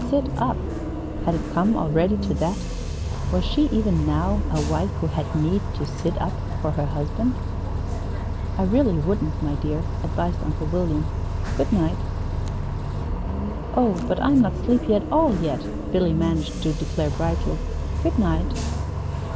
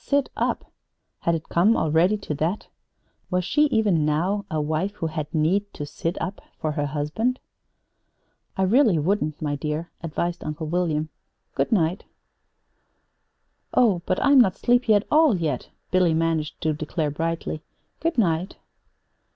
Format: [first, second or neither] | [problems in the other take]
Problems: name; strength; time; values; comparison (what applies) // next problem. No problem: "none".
second | background sound (Bus); 1 dB below the speech